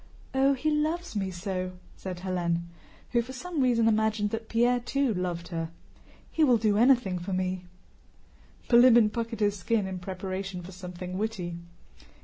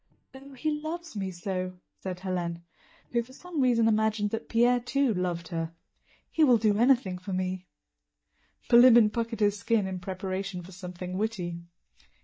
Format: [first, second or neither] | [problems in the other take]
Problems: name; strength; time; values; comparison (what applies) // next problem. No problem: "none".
first | noise reduction (neural mask model DeepFilterNet 3)